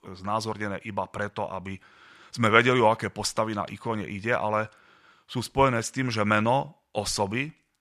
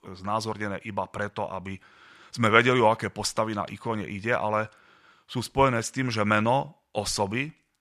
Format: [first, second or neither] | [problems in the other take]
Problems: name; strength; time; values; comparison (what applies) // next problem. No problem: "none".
neither | none